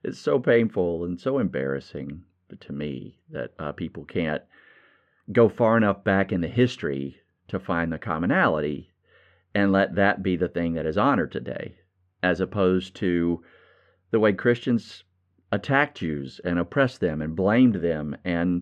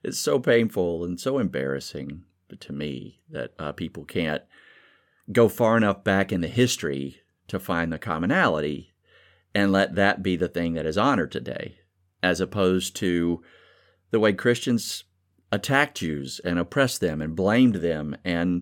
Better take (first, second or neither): second